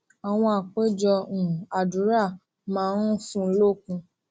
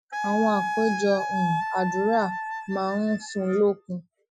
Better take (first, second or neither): first